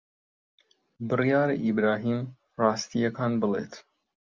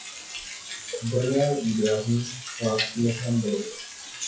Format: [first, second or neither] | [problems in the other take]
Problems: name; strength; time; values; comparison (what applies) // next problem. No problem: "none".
first | noise reduction (classical method WPE with log-MMSE)